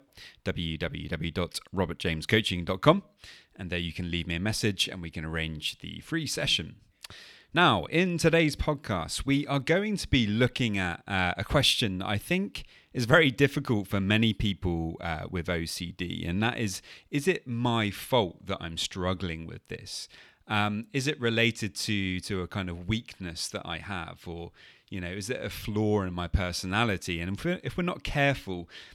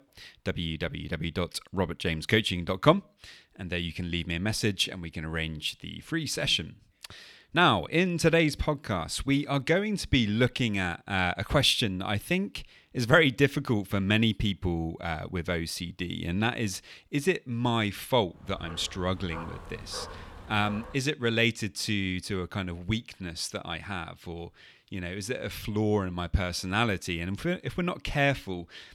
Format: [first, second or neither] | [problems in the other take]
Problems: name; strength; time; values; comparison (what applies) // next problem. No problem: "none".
first | dog barking; faint; from 18 to 21 s; peak 15 dB below the speech